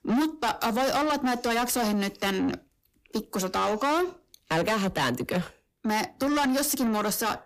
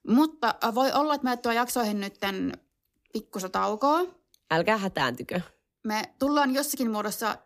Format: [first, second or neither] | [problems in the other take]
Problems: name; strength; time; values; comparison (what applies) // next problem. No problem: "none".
second | distortion; heavy; 6 dB below the speech